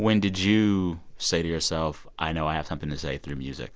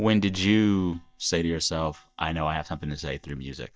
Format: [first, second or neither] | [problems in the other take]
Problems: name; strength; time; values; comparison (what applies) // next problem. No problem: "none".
first | noise reduction (neural mask model DeepFilterNet 3)